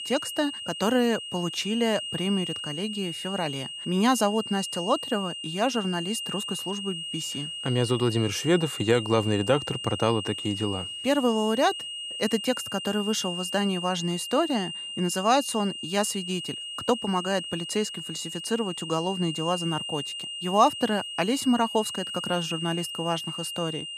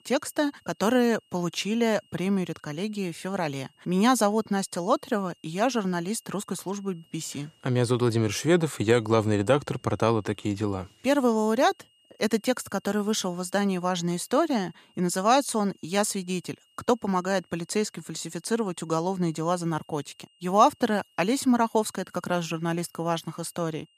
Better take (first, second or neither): second